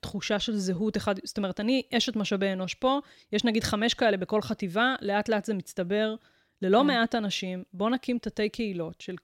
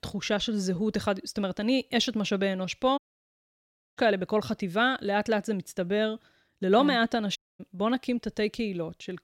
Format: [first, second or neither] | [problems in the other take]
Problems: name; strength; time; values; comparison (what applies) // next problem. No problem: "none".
first | audio cutting out; at 3 s for 1 s and at 7.5 s